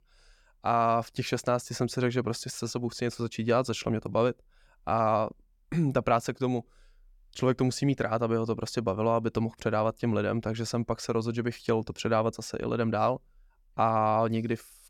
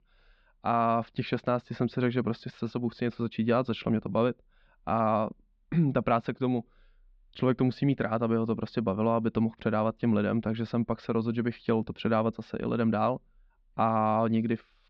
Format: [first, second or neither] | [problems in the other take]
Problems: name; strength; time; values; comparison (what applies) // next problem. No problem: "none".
first | muffled; slightly; fading above 4 kHz